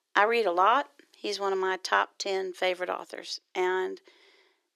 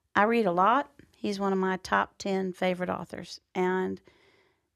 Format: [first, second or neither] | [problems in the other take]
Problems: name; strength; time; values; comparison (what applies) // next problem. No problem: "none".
second | thin; very; fading below 350 Hz